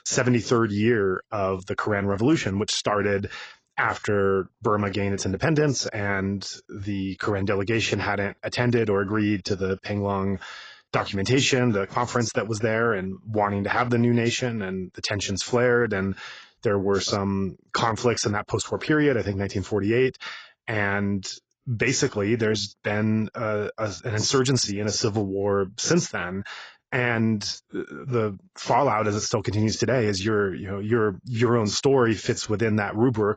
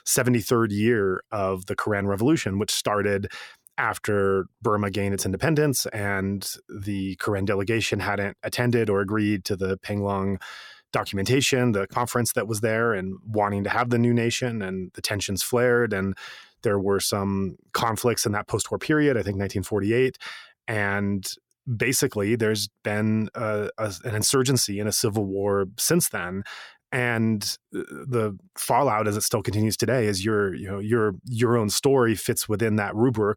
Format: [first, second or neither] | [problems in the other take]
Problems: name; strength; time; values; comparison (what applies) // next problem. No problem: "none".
second | garbled, watery; badly; nothing above 7.5 kHz